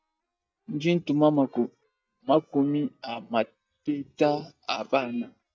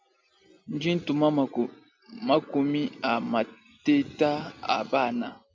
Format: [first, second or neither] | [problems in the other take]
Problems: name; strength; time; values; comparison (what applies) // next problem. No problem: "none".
second | noise reduction (neural mask model DeepFilterNet 3)